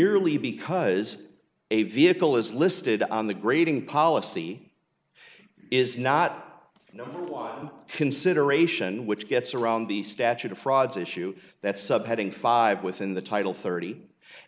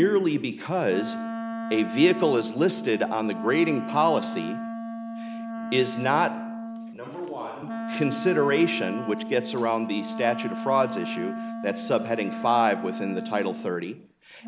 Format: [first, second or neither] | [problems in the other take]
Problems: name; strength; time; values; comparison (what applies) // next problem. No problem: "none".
first | background sound (Wind instrument, woodwind instrument); 7 dB below the speech